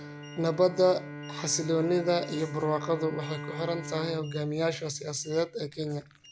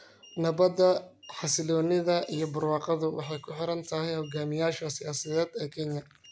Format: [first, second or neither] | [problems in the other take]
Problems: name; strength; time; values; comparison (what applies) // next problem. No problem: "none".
second | background sound (Bowed string instrument); 12 dB below the speech